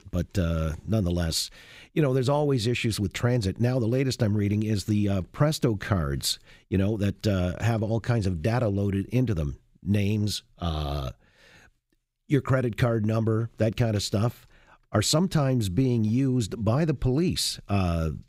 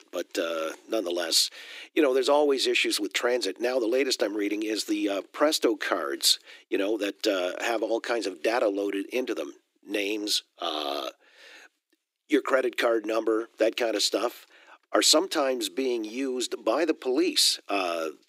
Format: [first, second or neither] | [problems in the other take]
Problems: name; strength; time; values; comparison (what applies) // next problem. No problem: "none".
first | thin; very; fading below 300 Hz